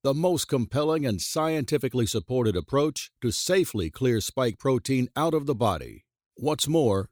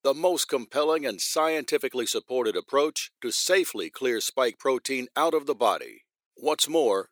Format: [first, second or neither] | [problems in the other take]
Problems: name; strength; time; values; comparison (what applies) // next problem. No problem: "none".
first | thin; somewhat; fading below 400 Hz